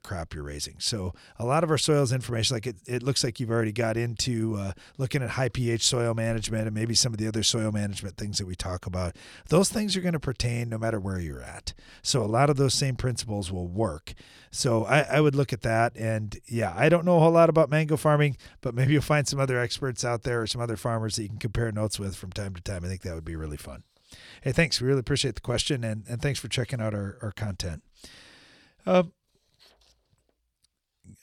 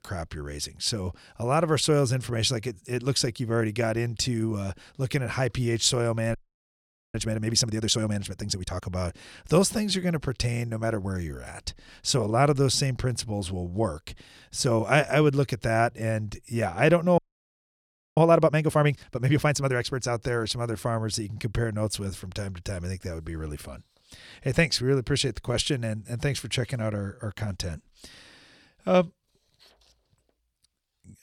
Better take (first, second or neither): first